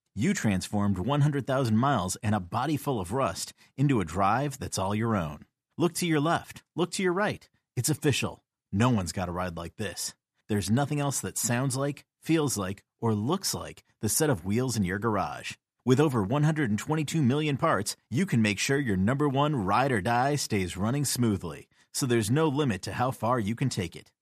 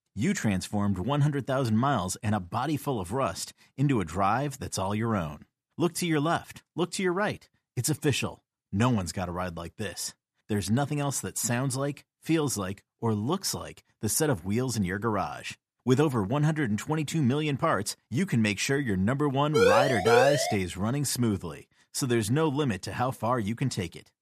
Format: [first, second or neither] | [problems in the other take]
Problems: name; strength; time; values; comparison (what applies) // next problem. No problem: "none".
first | siren; loud; from 20 to 21 s; peak 6 dB above the speech